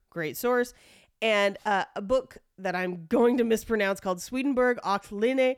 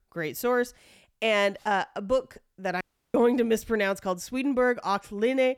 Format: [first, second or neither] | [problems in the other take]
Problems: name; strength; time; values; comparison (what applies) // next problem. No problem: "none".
first | audio cutting out; at 3 s